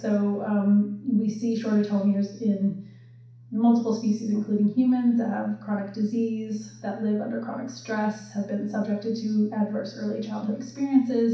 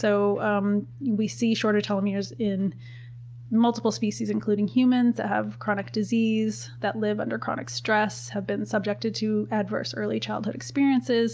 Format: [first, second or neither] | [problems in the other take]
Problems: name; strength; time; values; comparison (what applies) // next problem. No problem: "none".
second | room echo; dies away in 0.6 s